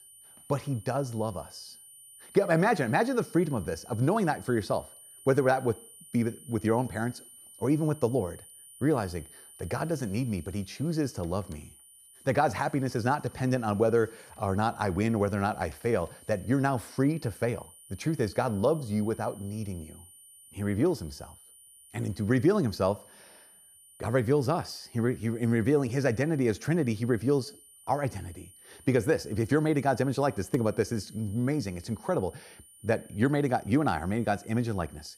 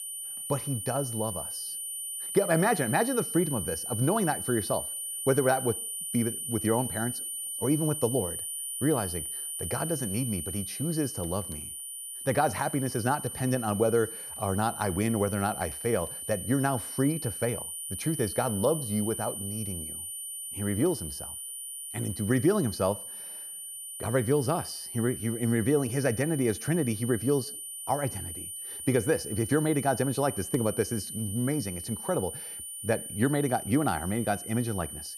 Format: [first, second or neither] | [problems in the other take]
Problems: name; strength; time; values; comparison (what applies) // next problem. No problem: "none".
first | high-pitched whine; loud; throughout; 9.5 kHz, 5 dB below the speech; faint in the first